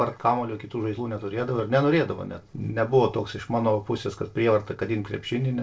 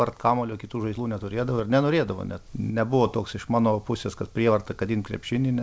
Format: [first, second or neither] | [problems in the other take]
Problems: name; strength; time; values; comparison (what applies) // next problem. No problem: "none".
second | noise reduction (neural separator model SepFormer DNS4)